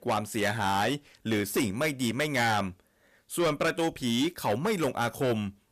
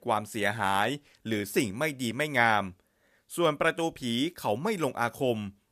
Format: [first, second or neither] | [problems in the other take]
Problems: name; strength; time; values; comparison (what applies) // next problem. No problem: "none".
second | distortion; heavy; 10% of the sound clipped